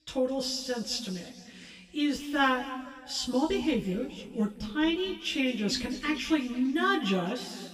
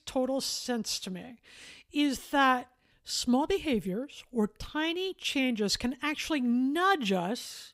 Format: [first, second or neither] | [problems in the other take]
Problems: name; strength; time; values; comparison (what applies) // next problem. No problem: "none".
second | room echo; noticeable; dies away in 1.8 s // off-mic speech; far